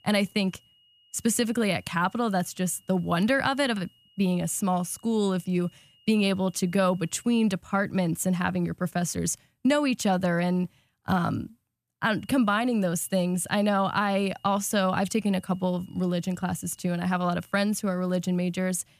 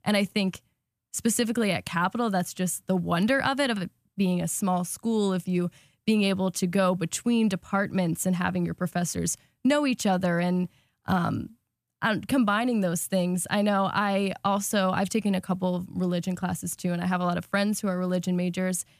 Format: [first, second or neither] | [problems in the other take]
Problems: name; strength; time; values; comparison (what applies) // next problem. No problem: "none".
second | high-pitched whine; faint; until 7.5 s and from 12 to 18 s; 3 kHz, 35 dB below the speech